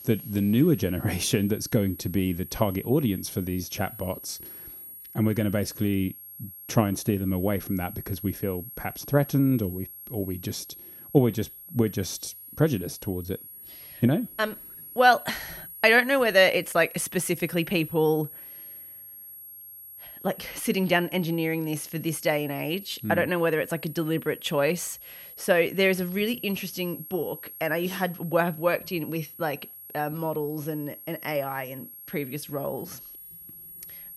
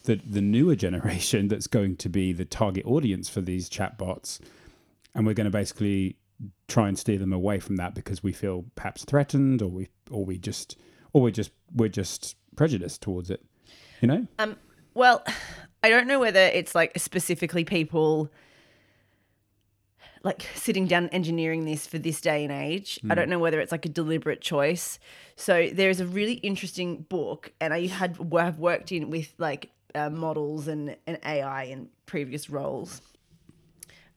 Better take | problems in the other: second | high-pitched whine; noticeable; throughout; 11.5 kHz, 15 dB below the speech

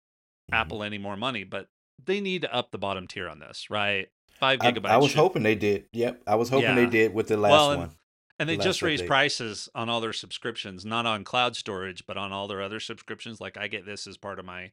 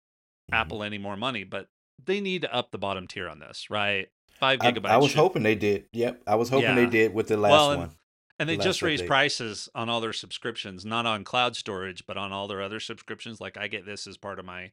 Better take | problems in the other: neither | none

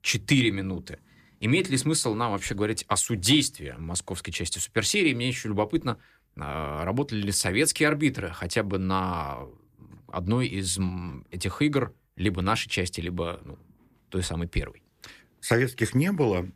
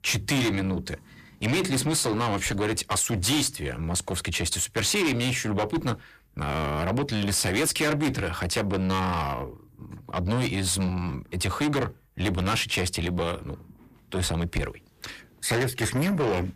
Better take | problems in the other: first | distortion; heavy; 6 dB below the speech

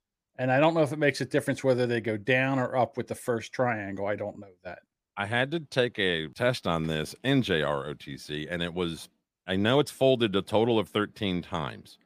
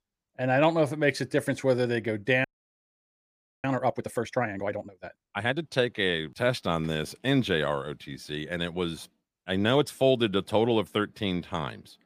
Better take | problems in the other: first | audio freezing; at 2.5 s for 1 s

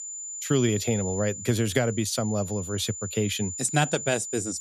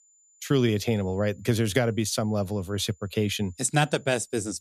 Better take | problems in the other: second | high-pitched whine; loud; throughout; 7 kHz, 7 dB below the speech; faint in the second

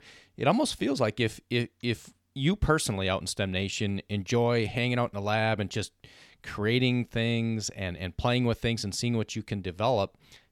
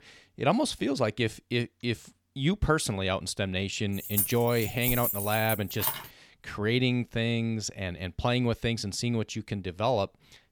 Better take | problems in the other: first | jangling keys; loud; from 4 to 6 s; peak 2 dB above the speech

